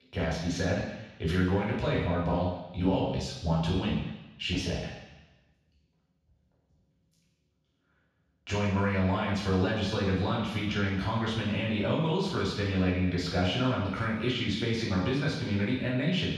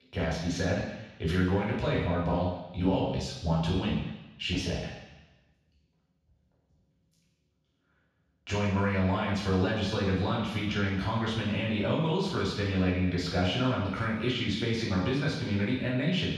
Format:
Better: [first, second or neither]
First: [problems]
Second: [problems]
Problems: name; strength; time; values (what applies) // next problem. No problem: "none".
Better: neither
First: room echo; strong; dies away in 1.1 s // off-mic speech; far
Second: room echo; strong; dies away in 1.1 s // off-mic speech; far